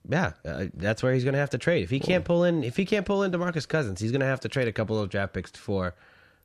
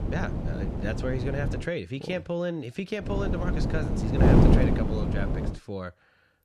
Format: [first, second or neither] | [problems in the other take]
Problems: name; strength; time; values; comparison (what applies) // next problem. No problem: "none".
first | wind noise on the microphone; heavy; until 1.5 s and from 3 to 5.5 s; 2 dB above the speech